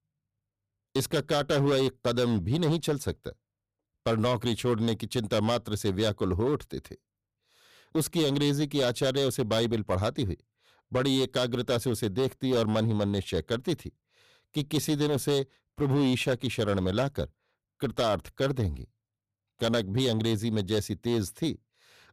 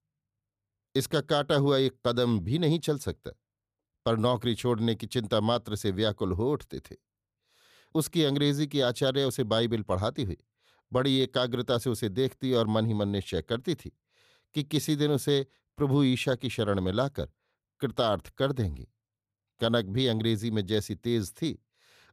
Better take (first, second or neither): second